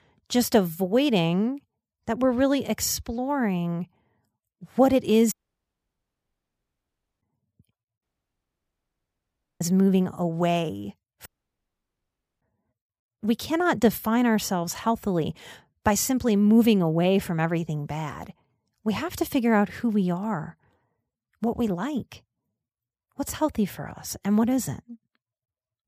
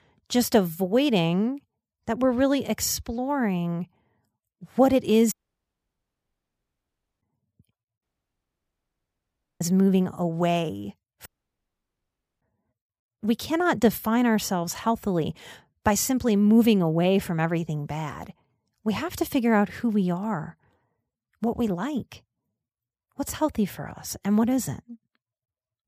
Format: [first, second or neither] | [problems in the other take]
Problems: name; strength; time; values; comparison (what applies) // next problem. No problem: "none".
neither | audio cutting out; at 5.5 s for 2 s, at 8 s for 1.5 s and at 11 s for 1 s; the same in both